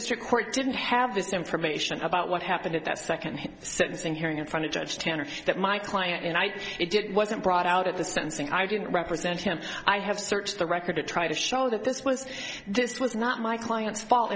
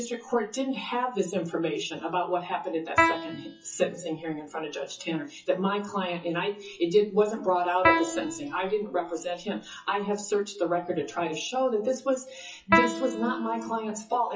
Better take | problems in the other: first | noise reduction (classical method WPE with log-MMSE)

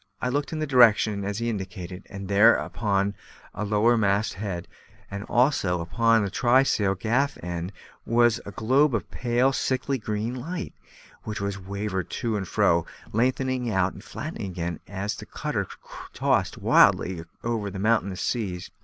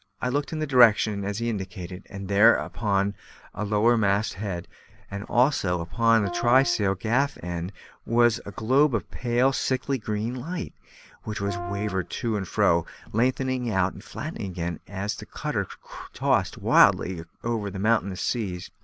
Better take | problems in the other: first | background sound (Brass instrument); 11 dB below the speech

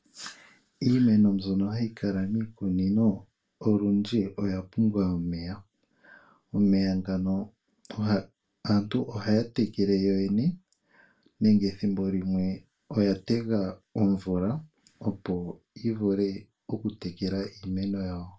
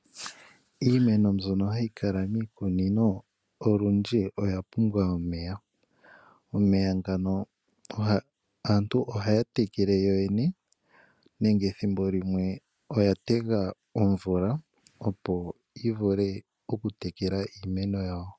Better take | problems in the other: second | room echo; dies away in 0.2 s

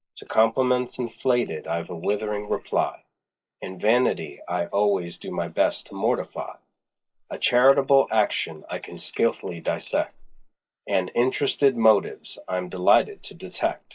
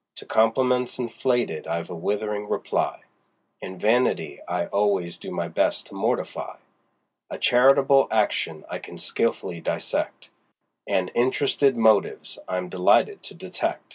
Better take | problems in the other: second | noise reduction (neural mask model Resemble Enhance denoiser)

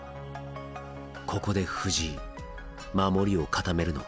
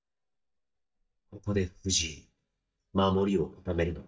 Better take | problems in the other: first | noise reduction (neural mask model DeepFilterNet 3)

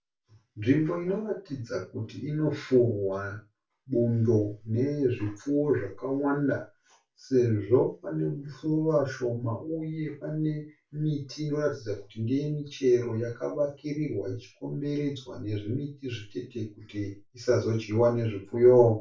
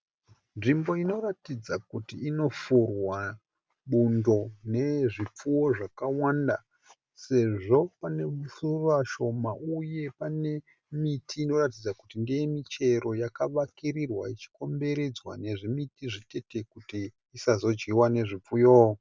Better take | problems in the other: second | room echo; dies away in 0.2 s

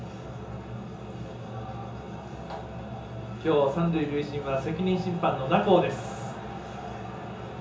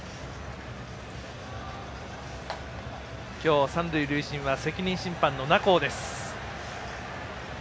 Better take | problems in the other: second | room echo; dies away in 0.6 s

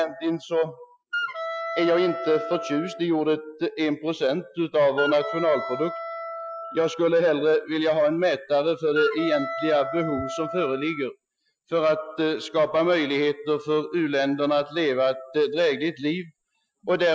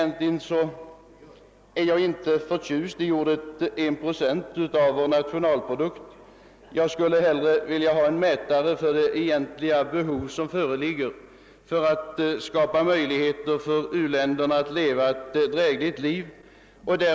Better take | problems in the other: second | noise reduction (classical method Wiener filter)

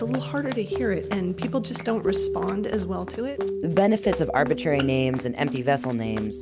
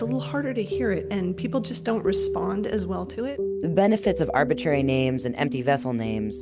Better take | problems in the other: second | background sound (Run); 16 dB below the speech

